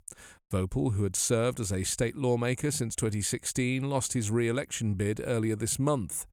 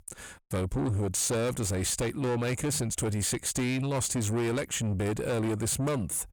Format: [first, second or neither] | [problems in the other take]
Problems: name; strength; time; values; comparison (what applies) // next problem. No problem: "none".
first | distortion; heavy; 8 dB below the speech